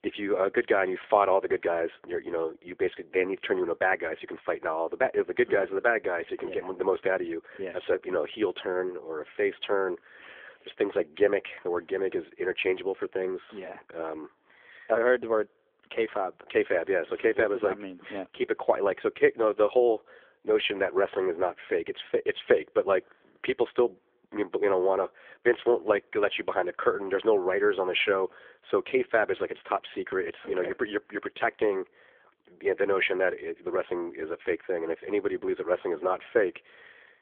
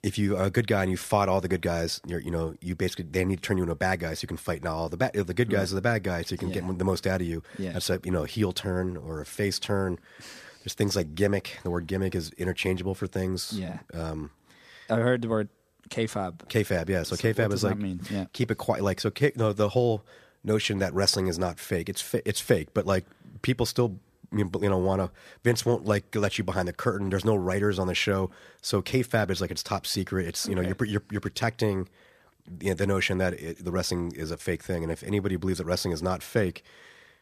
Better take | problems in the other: second | phone-call audio; nothing above 3.5 kHz

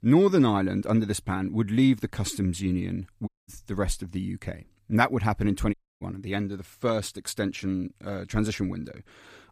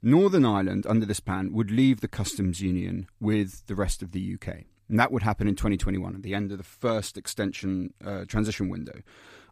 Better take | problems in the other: second | audio cutting out; at 3.5 s and at 5.5 s

